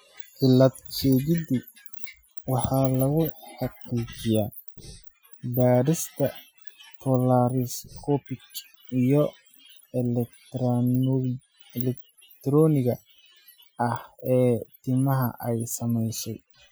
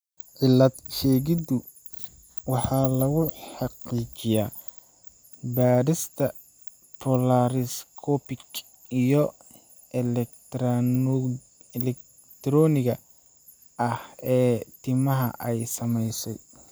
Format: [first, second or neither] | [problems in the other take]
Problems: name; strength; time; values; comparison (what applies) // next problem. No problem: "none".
second | noise reduction (classical method Wiener filter)